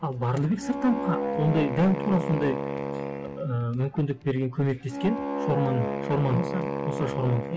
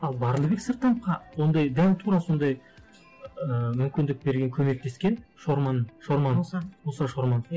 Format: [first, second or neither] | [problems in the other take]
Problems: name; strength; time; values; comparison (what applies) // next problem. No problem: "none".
second | background sound (Wind instrument, woodwind instrument); 5 dB below the speech